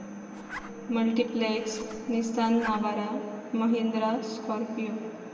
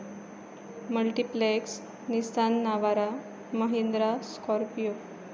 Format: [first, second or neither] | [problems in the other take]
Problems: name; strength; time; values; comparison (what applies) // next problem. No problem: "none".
second | background sound (Zipper (clothing)); 16 dB below the speech // room echo; dies away in 2.3 s